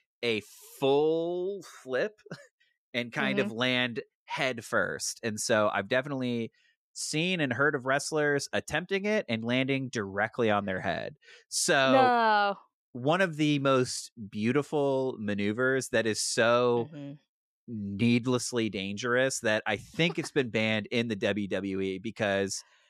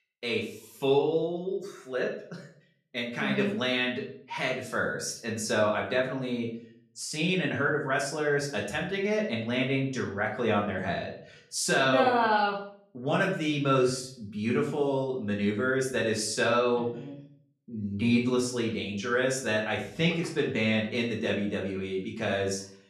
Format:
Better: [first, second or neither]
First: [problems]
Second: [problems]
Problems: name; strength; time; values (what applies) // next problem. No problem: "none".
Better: first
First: none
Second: room echo; slight; dies away in 0.5 s // off-mic speech; far